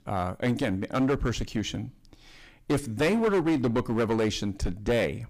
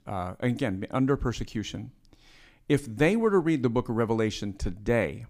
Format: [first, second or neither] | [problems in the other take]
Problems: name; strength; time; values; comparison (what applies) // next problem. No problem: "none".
second | distortion; heavy; 11% of the sound clipped